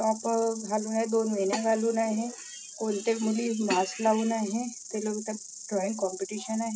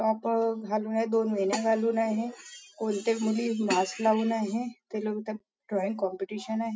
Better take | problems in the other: second | background sound (Insect); 14 dB below the speech

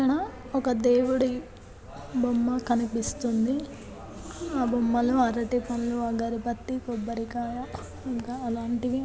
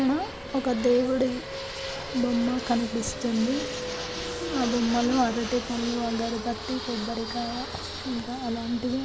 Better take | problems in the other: first | background sound (Fixed-wing aircraft, airplane); 8 dB below the speech

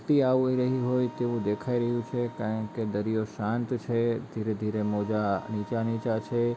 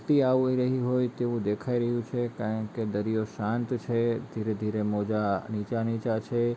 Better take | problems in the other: second | background sound (Wind instrument, woodwind instrument); 20 dB below the speech

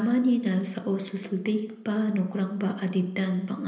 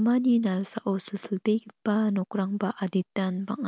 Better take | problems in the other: second | room echo; dies away in 0.8 s

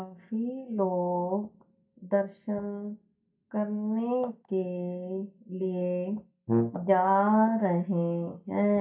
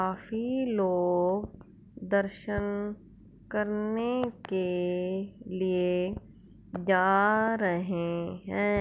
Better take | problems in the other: second | noise reduction (neural mask model DeepFilterNet 3)

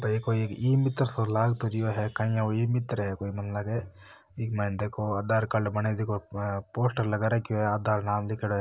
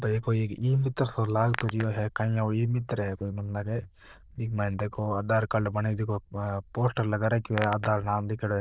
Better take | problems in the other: first | noise reduction (neural diffusion model UNIVERSE++)

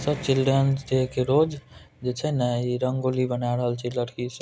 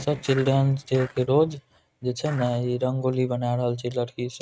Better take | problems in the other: first | noise reduction (neural mask model RNNoise)

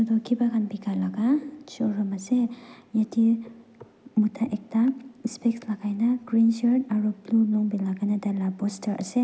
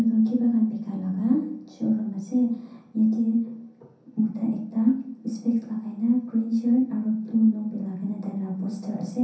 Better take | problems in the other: first | room echo; dies away in 0.6 s

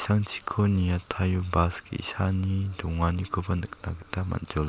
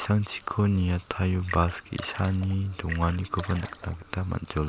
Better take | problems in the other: first | background sound (Splash, splatter); 15 dB below the speech

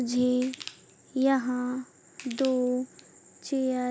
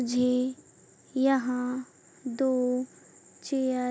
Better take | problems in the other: second | background sound (Crushing); 19 dB below the speech

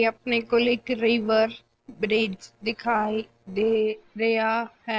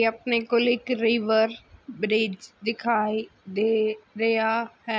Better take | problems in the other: second | noise reduction (neural separator model SepFormer DNS4)

